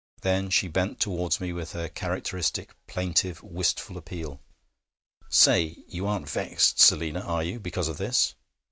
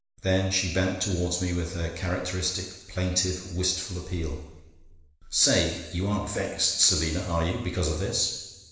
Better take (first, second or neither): first